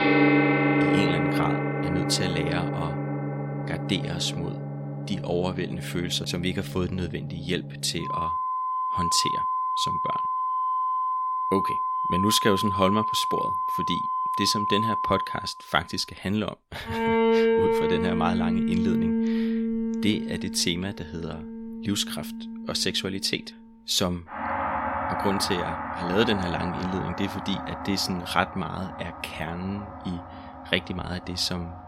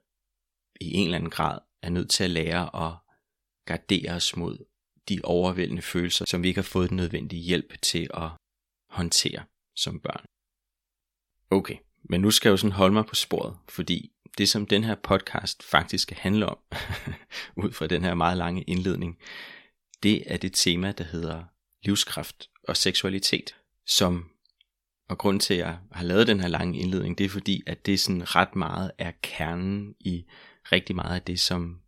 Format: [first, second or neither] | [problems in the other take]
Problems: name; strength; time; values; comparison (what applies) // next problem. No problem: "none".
second | background music; very loud; throughout; 1 dB above the speech